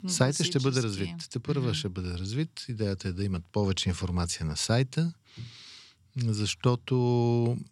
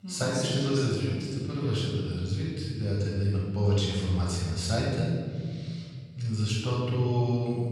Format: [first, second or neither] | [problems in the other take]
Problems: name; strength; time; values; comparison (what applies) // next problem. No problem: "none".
first | room echo; strong; dies away in 2 s // off-mic speech; far